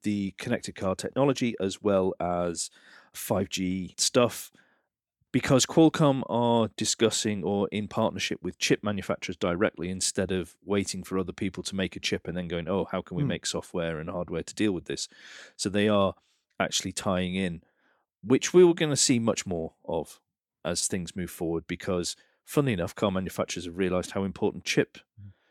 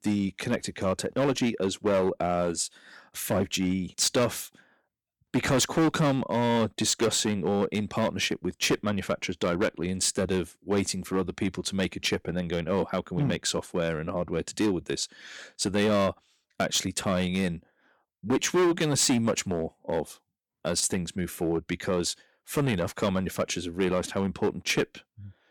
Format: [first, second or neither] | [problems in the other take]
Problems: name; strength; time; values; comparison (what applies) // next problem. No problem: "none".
first | distortion; heavy; 7% of the sound clipped